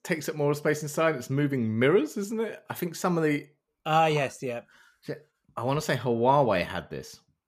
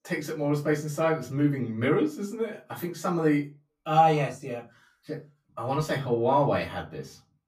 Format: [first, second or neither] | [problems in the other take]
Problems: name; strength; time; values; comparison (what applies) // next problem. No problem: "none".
first | off-mic speech; far // room echo; very slight; dies away in 0.2 s